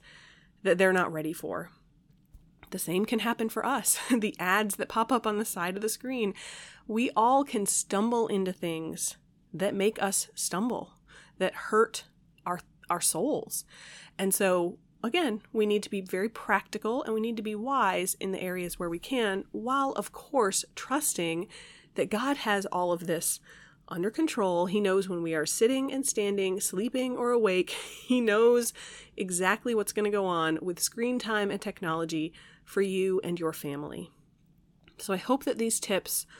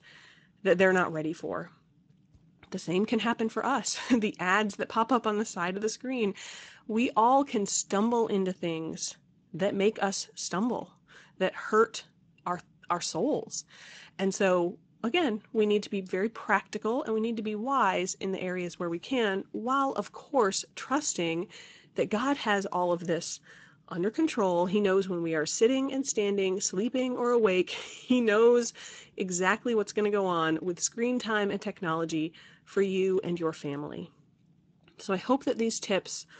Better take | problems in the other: first | garbled, watery; slightly; nothing above 7.5 kHz

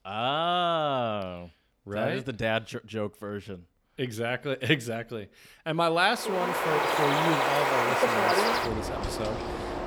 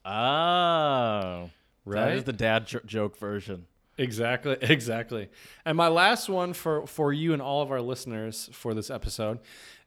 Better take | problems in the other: second | animal sounds; very loud; from 6.5 s on; 3 dB above the speech

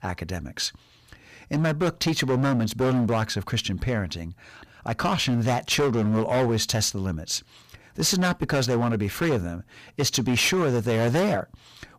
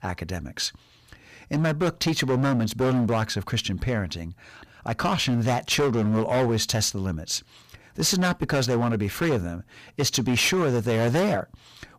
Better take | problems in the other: neither | distortion; heavy; 13% of the sound clipped; the same in both

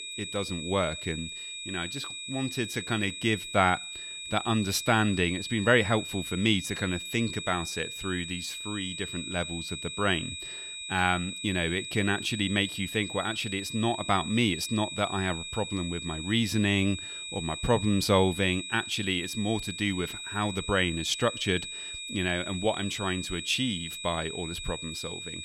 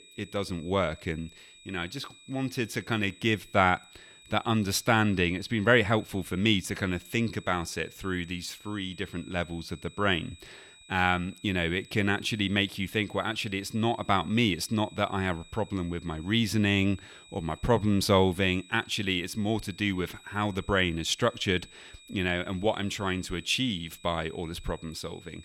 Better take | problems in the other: second | high-pitched whine; loud; throughout; 4 kHz, 7 dB below the speech; faint in the second

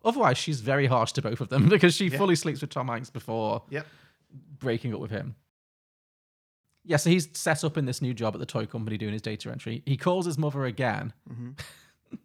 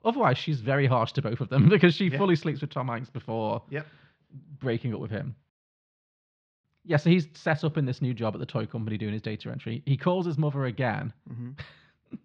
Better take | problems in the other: first | muffled; slightly; fading above 4 kHz

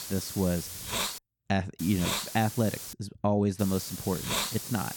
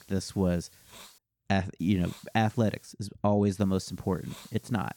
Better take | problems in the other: second | hiss; loud; until 1 s, from 2 to 3 s and from 3.5 s on; 4 dB below the speech; faint in the second

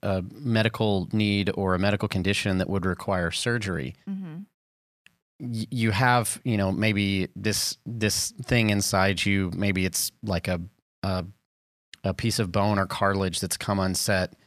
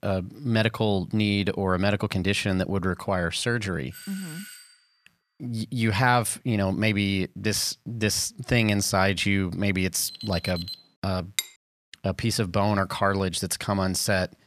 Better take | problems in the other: first | doorbell; faint; at 4 s; peak 15 dB below the speech // alarm; noticeable; at 10 s; peak 9 dB below the speech // clattering dishes; very faint; at 11 s; peak 5 dB below the speech

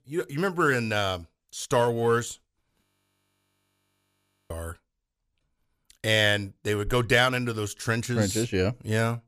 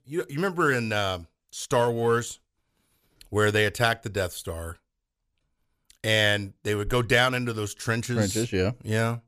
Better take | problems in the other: second | audio freezing; at 3 s for 1.5 s

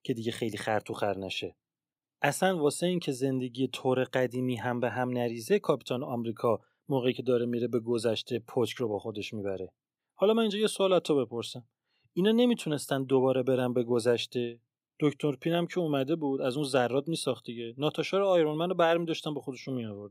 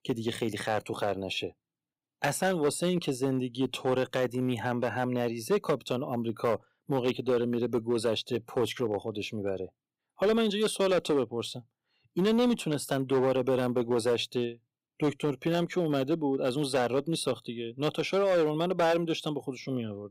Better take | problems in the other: first | distortion; slight; 6% of the sound clipped

